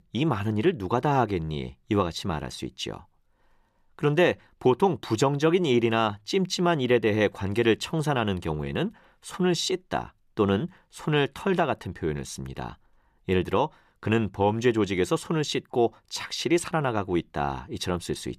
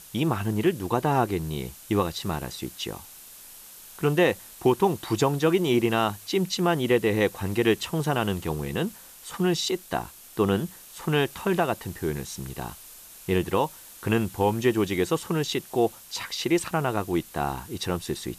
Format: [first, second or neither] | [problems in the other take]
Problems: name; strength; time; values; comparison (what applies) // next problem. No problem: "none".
first | hiss; noticeable; throughout; 20 dB below the speech